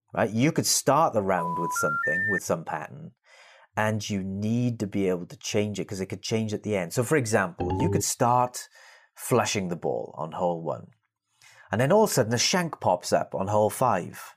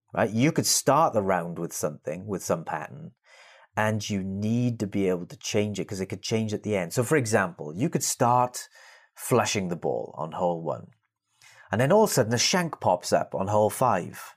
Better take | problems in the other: second | phone ringing; loud; from 1.5 to 2.5 s; peak 1 dB above the speech // phone ringing; noticeable; at 7.5 s; peak 2 dB below the speech

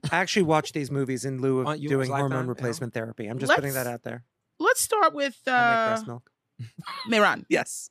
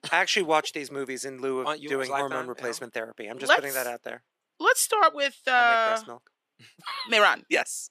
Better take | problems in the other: first | thin; somewhat; fading below 450 Hz

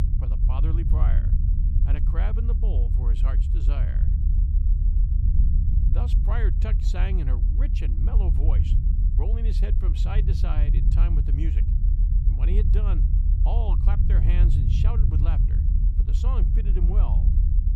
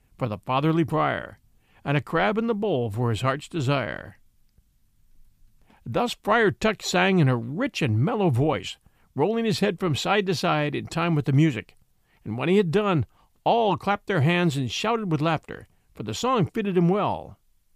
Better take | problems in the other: second | low rumble; loud; throughout; 2 dB below the speech

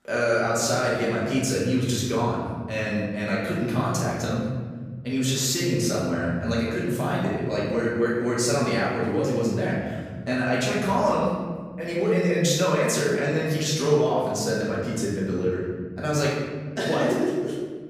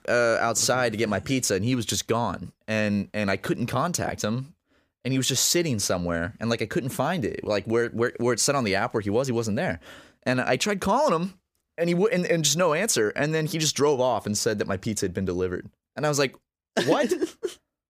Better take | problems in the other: second | off-mic speech; far // room echo; noticeable; dies away in 2 s

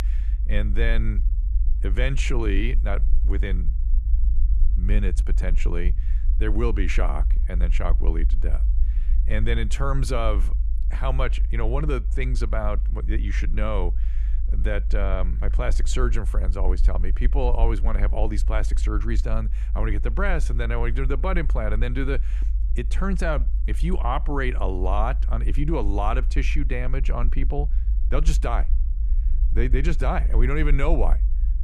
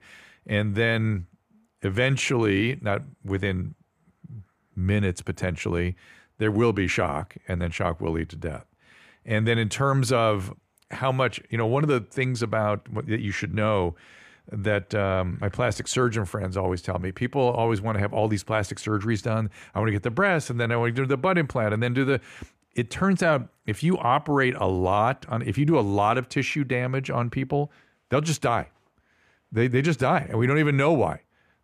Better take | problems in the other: second | low rumble; noticeable; throughout; 15 dB below the speech

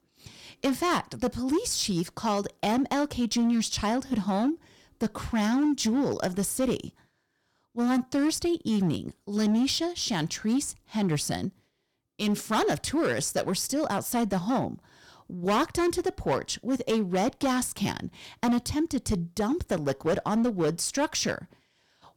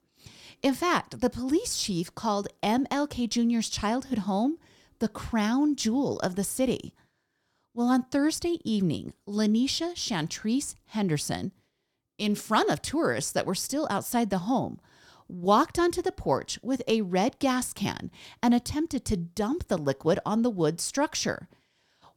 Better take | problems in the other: second | distortion; slight; 8% of the sound clipped

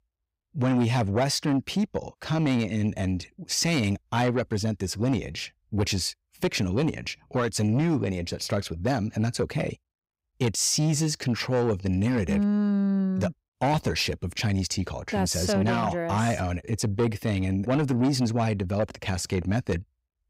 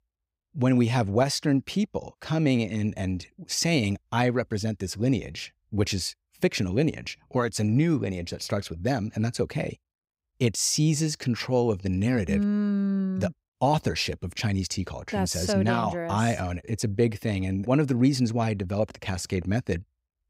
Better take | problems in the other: second | distortion; slight; 10 dB below the speech

